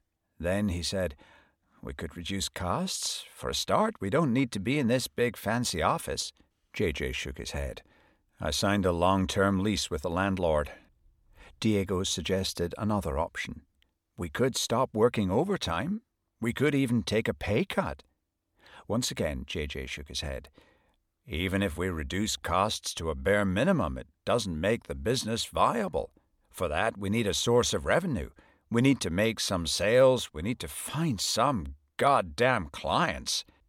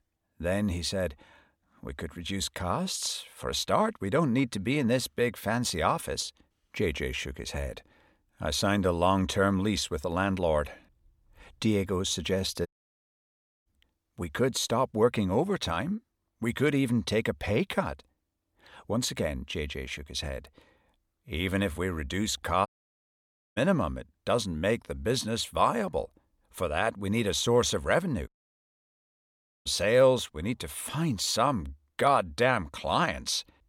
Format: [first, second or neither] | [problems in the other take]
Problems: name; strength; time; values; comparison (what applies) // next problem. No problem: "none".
first | audio cutting out; at 13 s for 1 s, at 23 s for 1 s and at 28 s for 1.5 s